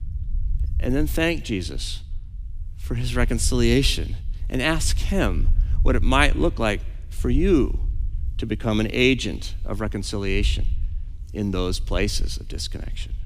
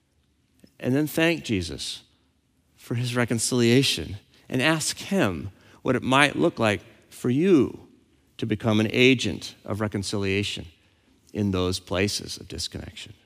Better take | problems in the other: second | low rumble; faint; throughout; 25 dB below the speech

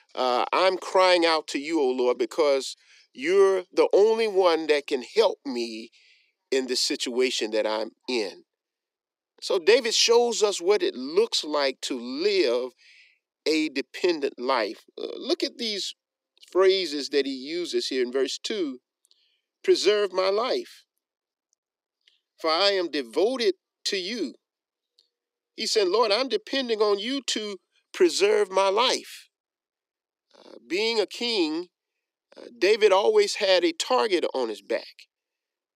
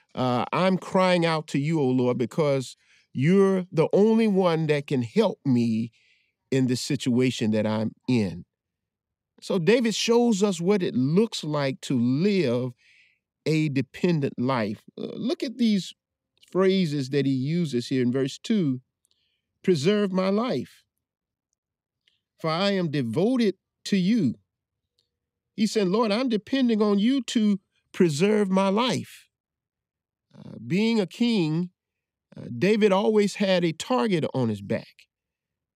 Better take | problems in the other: second | thin; very; fading below 300 Hz

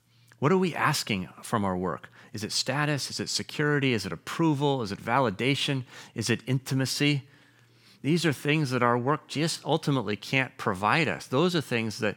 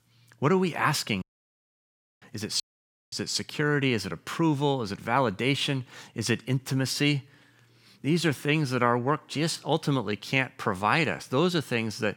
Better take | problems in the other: first | audio cutting out; at 1 s for 1 s and at 2.5 s for 0.5 s

